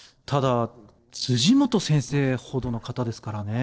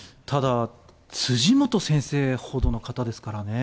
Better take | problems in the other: second | noise reduction (neural separator model SepFormer DNS4)

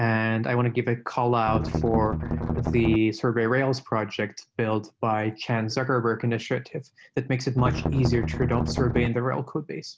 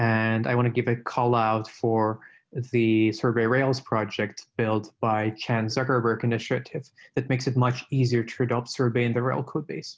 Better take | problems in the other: second | background sound (Strum); 2 dB below the speech

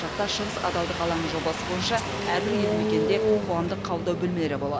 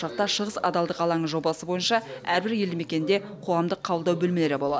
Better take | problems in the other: second | background sound (Engine starting); as loud as the speech

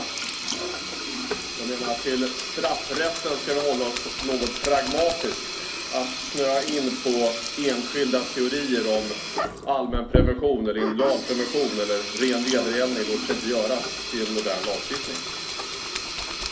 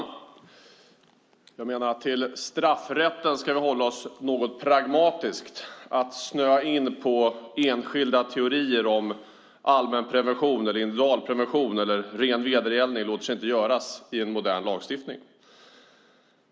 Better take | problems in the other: second | background sound (Sink (filling or washing)); 4 dB below the speech // room echo; dies away in 0.3 s

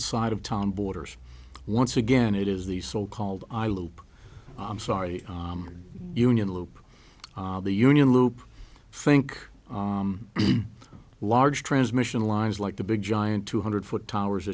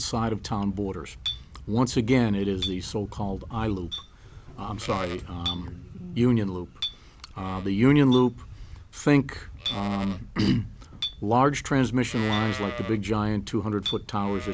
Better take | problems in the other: first | background sound (Chink, clink + Livestock, farm animals, working animals); 12 dB below the speech

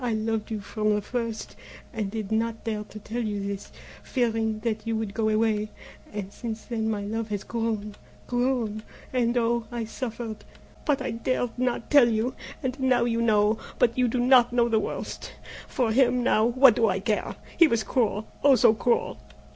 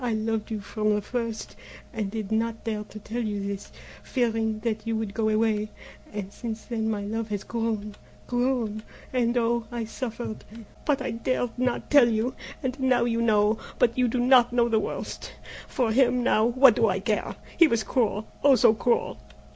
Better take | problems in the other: first | background sound (Breathing); 14 dB below the speech

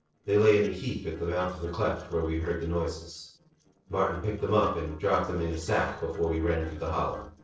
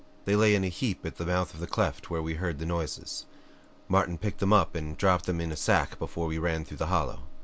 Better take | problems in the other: second | noise reduction (neural separator model SepFormer DNS4)

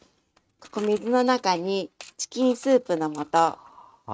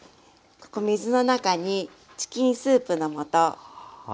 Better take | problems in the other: second | noise reduction (neural mask model RNNoise)

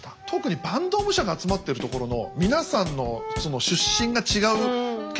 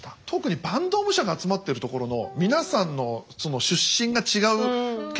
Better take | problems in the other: second | background sound (Drum kit + Brass instrument); 11 dB below the speech

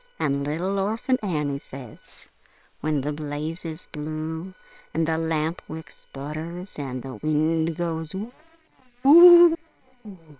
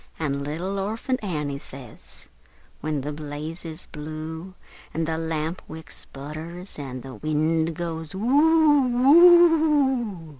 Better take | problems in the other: second | noise reduction (neural separator model SepFormer WHAM!)

